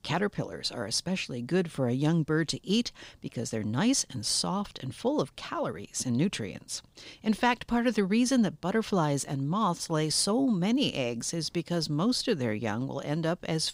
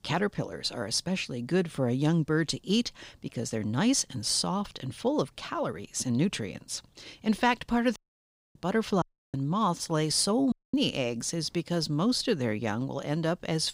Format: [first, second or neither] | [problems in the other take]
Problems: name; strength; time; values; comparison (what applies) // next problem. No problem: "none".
first | audio cutting out; at 8 s for 0.5 s, at 9 s and at 11 s